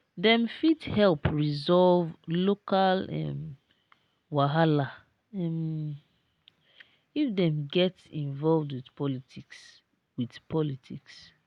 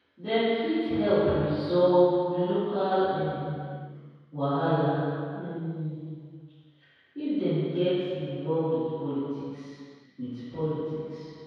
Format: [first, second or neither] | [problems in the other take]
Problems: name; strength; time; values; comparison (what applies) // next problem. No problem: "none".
first | room echo; dies away in 2.2 s